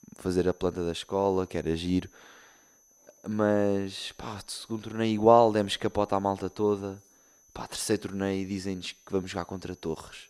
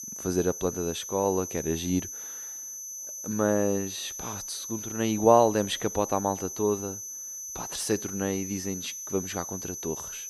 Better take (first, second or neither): first